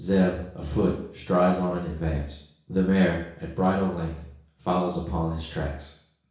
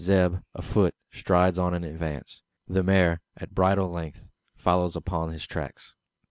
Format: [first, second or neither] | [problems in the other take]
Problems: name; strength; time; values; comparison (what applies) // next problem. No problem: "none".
second | room echo; dies away in 0.6 s